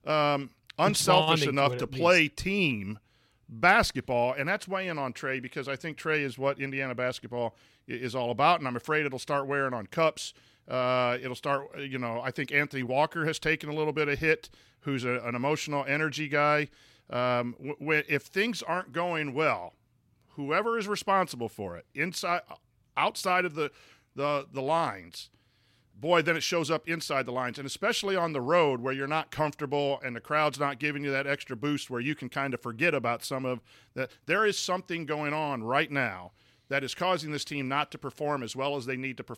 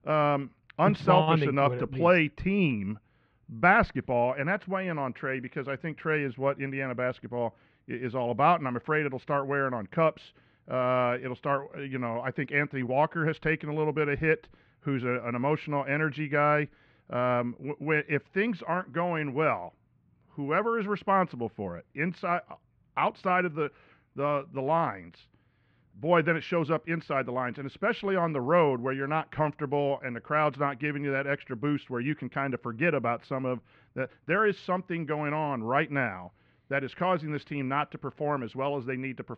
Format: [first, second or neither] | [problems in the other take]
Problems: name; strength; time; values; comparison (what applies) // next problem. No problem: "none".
first | muffled; very; fading above 2 kHz